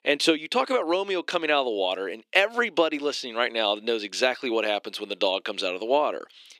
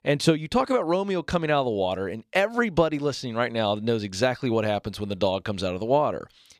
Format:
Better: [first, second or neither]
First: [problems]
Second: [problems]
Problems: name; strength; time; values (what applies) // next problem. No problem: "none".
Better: second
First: thin; somewhat; fading below 300 Hz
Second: none